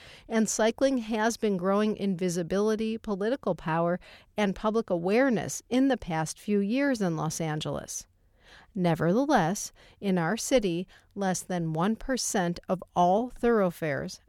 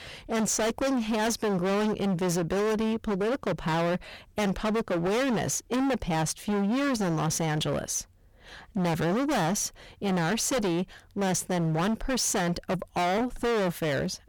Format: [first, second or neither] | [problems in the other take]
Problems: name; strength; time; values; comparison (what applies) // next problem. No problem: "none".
first | distortion; heavy; 33% of the sound clipped